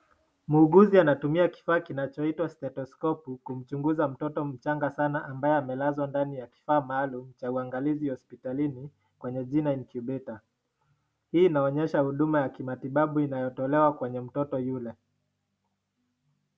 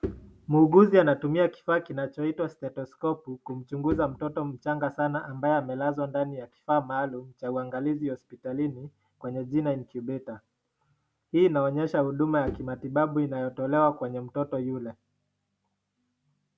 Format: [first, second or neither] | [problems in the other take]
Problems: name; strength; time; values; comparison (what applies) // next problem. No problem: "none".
first | background sound (Bowed string instrument); 14 dB below the speech